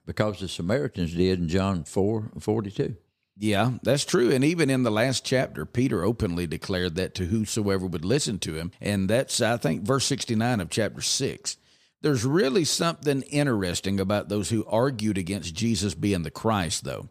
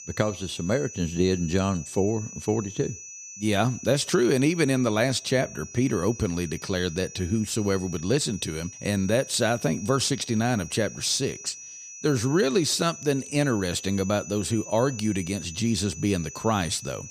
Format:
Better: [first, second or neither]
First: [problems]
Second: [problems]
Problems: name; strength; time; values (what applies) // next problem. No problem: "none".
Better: first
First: none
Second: high-pitched whine; noticeable; throughout; 6 kHz, 15 dB below the speech